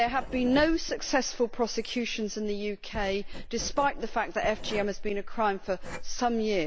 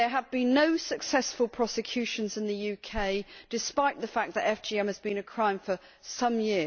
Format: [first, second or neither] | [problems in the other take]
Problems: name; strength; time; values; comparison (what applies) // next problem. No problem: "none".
second | background sound (Writing); 7 dB below the speech